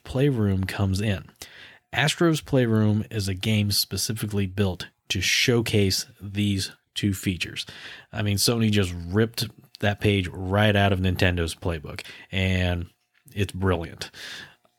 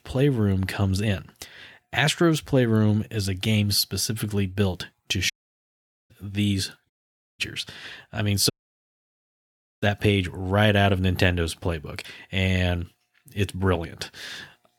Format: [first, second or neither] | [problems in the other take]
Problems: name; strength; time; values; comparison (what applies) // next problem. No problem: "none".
first | audio cutting out; at 5.5 s for 1 s, at 7 s and at 8.5 s for 1.5 s